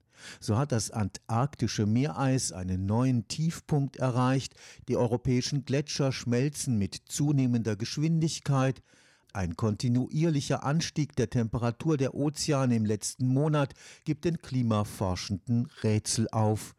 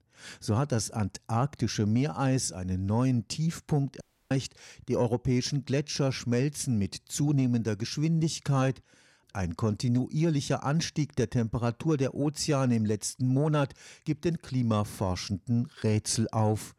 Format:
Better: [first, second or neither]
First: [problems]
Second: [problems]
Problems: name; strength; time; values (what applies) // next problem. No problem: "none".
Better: first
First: none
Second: audio cutting out; at 4 s